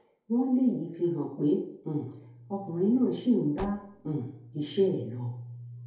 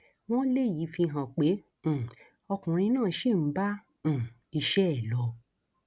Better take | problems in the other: second | background sound (Car); 18 dB below the speech // room echo; dies away in 2.3 s

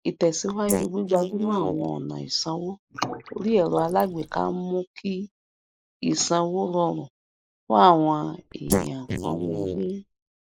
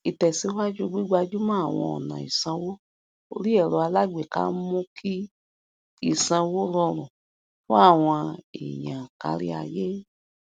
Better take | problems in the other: second | noise reduction (neural mask model Resemble Enhance denoiser)

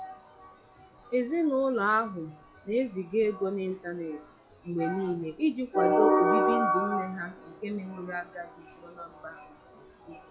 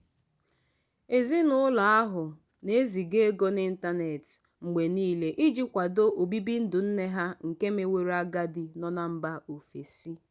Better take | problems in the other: second | noise reduction (classical method log-MMSE)

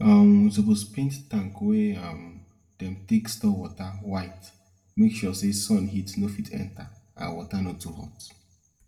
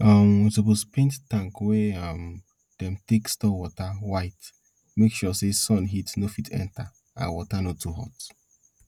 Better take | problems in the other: second | room echo; dies away in 0.6 s

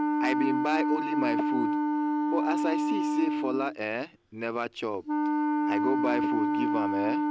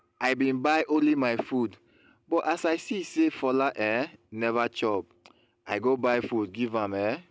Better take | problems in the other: second | background sound (Wind instrument, woodwind instrument); 5 dB above the speech

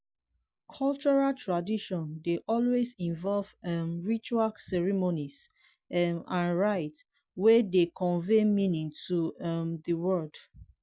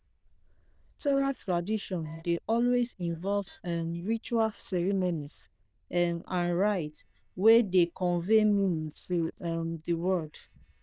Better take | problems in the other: first | noise reduction (neural diffusion model UNIVERSE++)

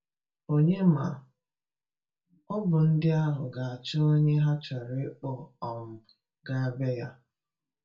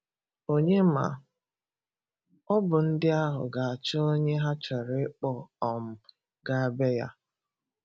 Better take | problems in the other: second | room echo; dies away in 0.2 s

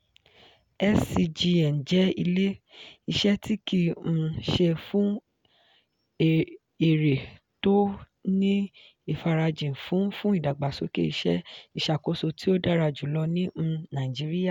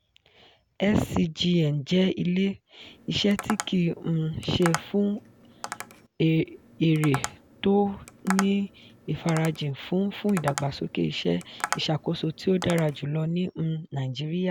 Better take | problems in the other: first | background sound (Tap); 12 dB below the speech

